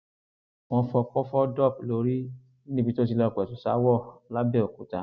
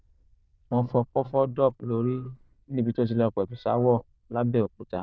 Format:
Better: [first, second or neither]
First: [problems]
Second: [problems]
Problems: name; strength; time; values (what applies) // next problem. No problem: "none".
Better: first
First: none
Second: noise reduction (neural diffusion model UNIVERSE++)